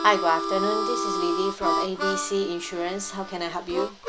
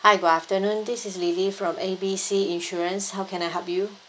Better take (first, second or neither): second